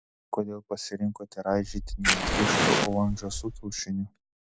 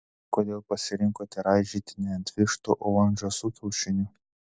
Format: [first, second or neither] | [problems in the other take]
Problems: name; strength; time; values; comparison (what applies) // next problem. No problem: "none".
second | background sound (Fire); 3 dB above the speech